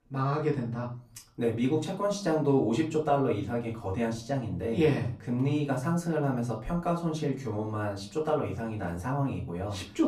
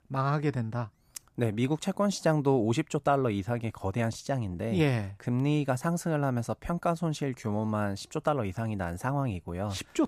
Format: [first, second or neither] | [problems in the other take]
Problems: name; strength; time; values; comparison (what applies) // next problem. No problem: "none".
second | off-mic speech; far // room echo; slight; dies away in 0.3 s